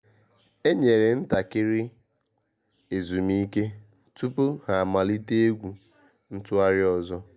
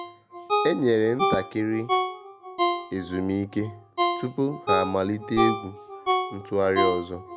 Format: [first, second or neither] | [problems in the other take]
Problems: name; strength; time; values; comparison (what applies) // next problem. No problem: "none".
first | background sound (Ringtone); 1 dB below the speech